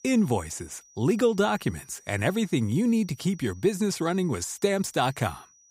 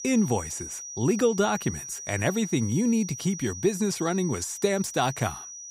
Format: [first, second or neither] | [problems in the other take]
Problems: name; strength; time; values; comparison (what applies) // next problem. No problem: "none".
first | high-pitched whine; loud; throughout; 6 kHz, 10 dB below the speech; faint in the first